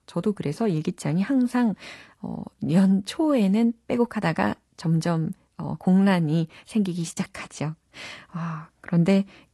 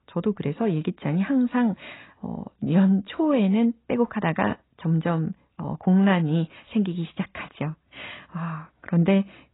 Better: first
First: garbled, watery; slightly; nothing above 11.5 kHz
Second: garbled, watery; badly; nothing above 4 kHz

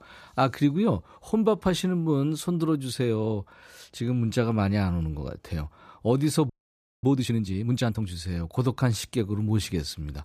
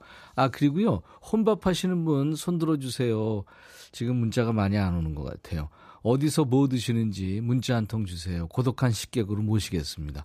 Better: second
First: audio freezing; at 6.5 s for 0.5 s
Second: none

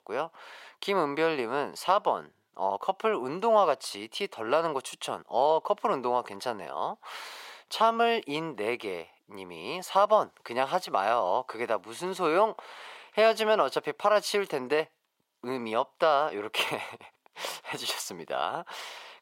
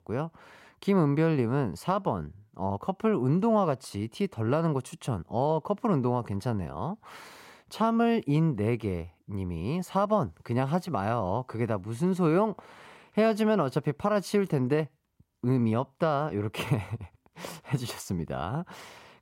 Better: second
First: thin; very; fading below 600 Hz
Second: none

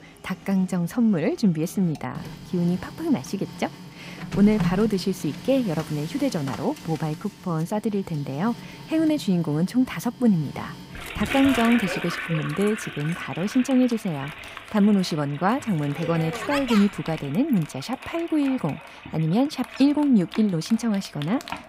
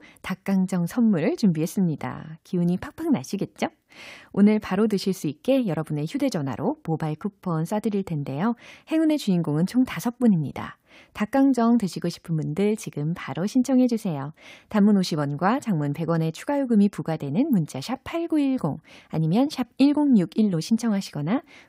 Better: second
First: household noises; noticeable; throughout; 10 dB below the speech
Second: none

